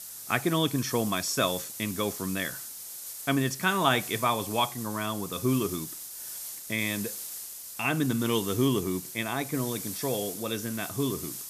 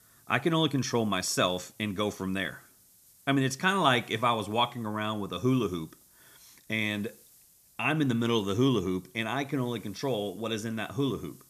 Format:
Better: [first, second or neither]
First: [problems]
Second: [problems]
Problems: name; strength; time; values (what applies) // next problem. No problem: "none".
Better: second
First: hiss; loud; throughout; 8 dB below the speech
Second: hiss; faint; throughout; 25 dB below the speech